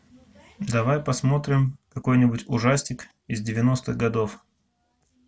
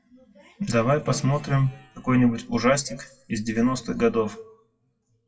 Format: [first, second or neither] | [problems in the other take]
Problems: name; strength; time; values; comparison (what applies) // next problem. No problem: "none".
first | noise reduction (classical method WPE with log-MMSE)